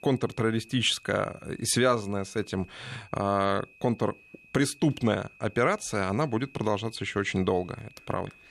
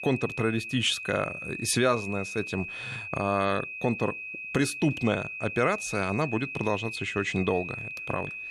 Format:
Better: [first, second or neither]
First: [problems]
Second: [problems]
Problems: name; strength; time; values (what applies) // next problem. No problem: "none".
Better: first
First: high-pitched whine; faint; throughout; 2.5 kHz, 25 dB below the speech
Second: high-pitched whine; loud; throughout; 2.5 kHz, 6 dB below the speech